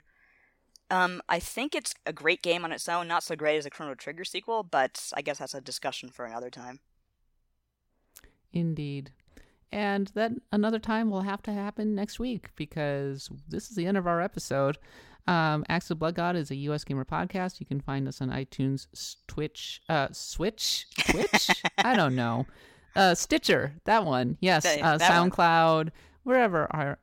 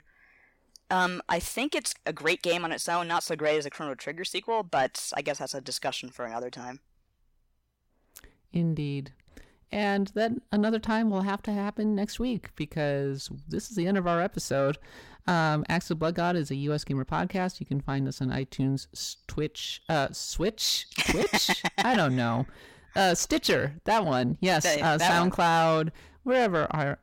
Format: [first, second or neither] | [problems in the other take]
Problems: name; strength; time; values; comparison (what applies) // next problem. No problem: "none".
first | distortion; slight; 10 dB below the speech